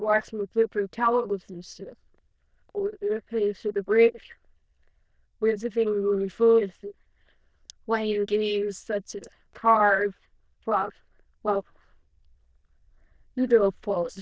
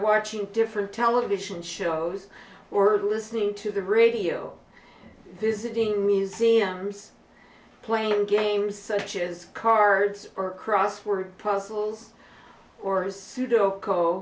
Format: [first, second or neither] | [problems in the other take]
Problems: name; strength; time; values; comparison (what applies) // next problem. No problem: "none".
second | noise reduction (neural diffusion model UNIVERSE++)